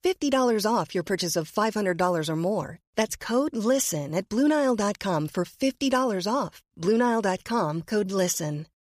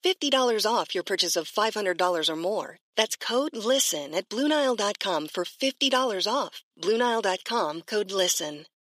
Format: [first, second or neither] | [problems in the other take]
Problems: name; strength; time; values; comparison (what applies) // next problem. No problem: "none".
first | thin; very slightly; fading below 300 Hz